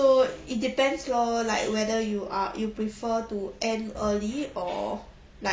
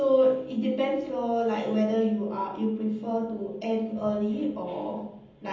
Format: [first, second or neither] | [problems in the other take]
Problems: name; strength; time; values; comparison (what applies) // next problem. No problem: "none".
first | room echo; dies away in 0.8 s